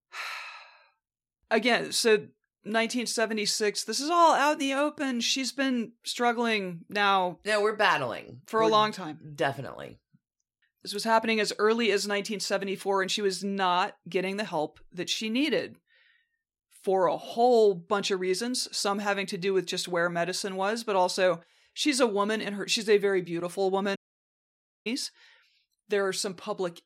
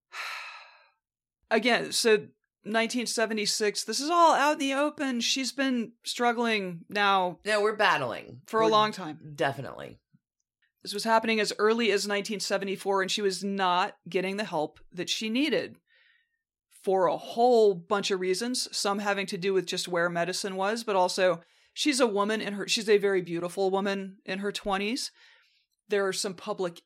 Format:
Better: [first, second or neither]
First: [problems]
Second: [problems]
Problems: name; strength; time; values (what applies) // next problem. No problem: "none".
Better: second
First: audio cutting out; at 24 s for 1 s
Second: none